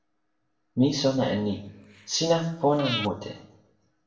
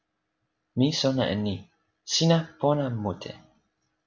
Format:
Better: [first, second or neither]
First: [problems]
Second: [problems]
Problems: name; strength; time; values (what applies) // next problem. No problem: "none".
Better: second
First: background sound (Breathing); 10 dB below the speech // room echo; dies away in 0.6 s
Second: none